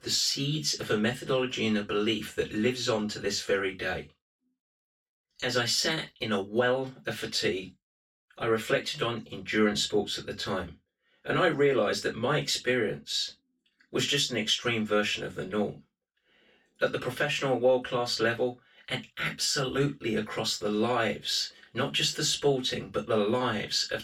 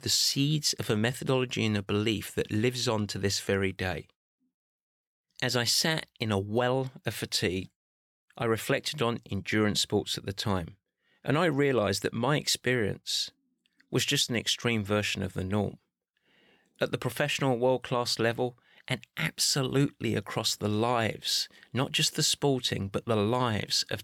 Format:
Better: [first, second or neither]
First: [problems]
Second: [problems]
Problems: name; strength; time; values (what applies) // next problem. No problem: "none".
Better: second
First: room echo; very slight; dies away in 0.2 s // off-mic speech; far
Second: none